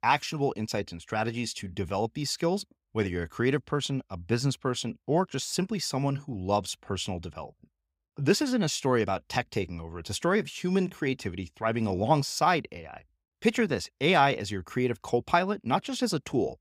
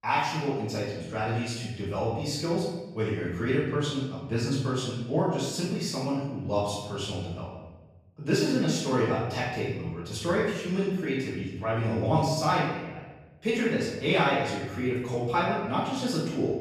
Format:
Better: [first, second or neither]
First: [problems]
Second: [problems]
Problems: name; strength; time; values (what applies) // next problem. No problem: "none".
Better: first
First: none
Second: off-mic speech; far // room echo; noticeable; dies away in 1.1 s